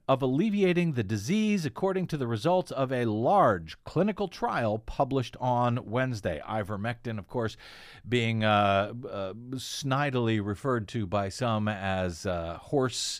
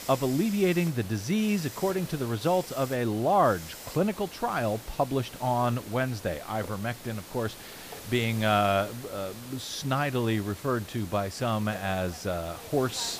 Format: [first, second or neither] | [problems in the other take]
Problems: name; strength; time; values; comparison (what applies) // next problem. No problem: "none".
first | hiss; noticeable; throughout; 15 dB below the speech